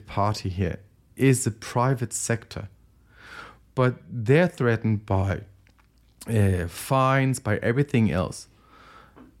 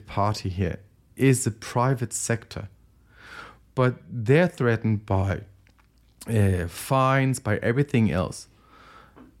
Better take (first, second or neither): neither